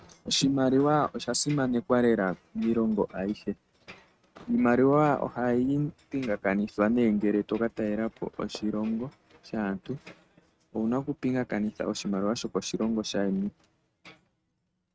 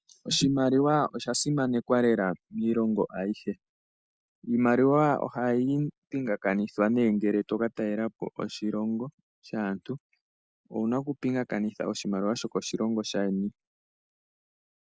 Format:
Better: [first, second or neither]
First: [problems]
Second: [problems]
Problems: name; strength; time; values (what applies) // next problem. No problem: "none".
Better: second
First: noise reduction (neural mask model RNNoise)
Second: none